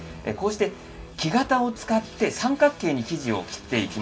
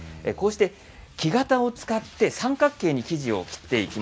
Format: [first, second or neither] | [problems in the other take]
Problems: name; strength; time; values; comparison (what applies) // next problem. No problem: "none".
second | background sound (Guitar); 20 dB below the speech // room echo; dies away in 0.2 s